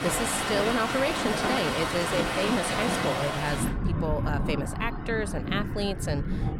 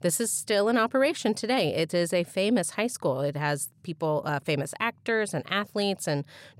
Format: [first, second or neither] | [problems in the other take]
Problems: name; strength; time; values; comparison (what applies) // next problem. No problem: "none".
second | rain or running water; very loud; throughout; 1 dB above the speech